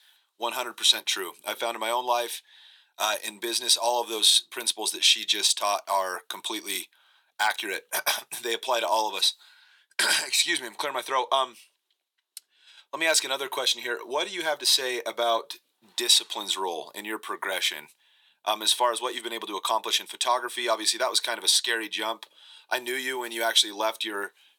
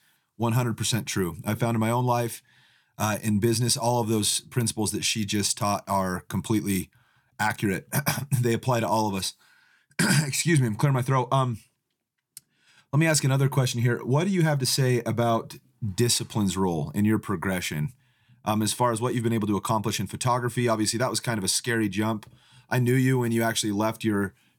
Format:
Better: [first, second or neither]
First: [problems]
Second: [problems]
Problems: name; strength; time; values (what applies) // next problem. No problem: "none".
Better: second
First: thin; very; fading below 450 Hz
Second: none